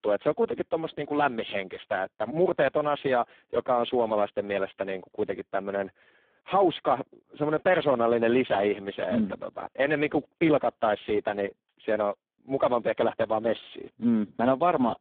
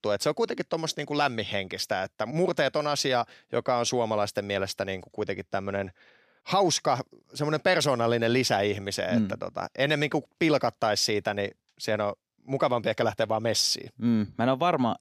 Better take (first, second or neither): second